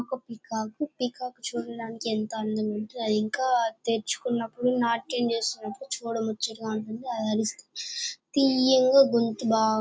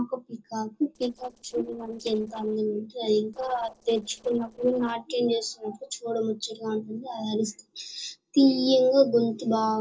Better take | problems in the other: first | noise reduction (neural separator model SepFormer DNS4)

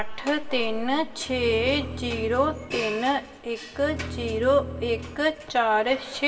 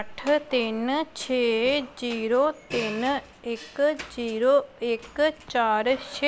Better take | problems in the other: second | background sound (Bowed string instrument); 11 dB below the speech // room echo; dies away in 1.4 s

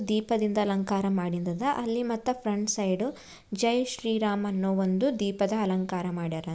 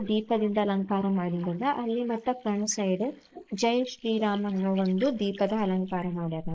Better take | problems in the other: first | noise reduction (neural mask model Resemble Enhance denoiser)

